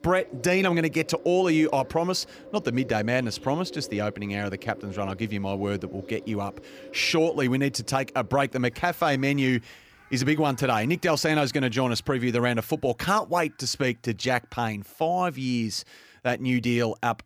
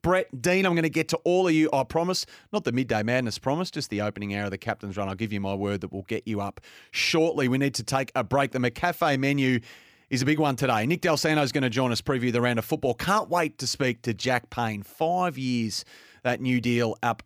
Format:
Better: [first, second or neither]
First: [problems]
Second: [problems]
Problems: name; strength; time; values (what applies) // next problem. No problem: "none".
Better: second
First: animal sounds; noticeable; throughout; 20 dB below the speech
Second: none